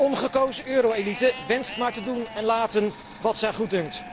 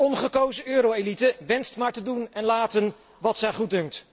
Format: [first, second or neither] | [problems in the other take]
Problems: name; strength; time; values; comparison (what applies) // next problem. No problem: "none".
second | background sound (Livestock, farm animals, working animals + Engine / Mechanisms); 15 dB below the speech